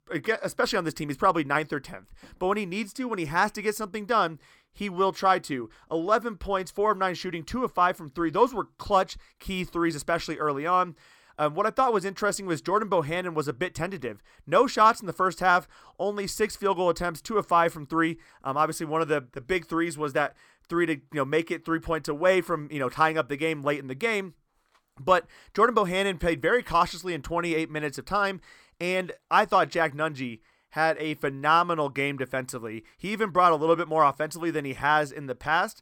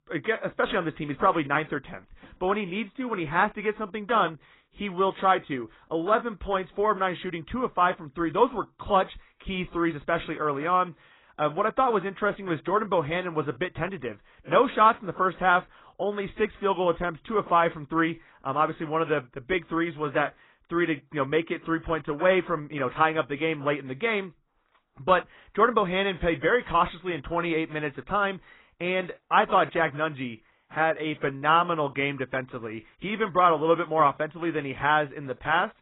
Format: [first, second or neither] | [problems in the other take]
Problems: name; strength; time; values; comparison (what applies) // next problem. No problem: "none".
first | garbled, watery; badly; nothing above 3.5 kHz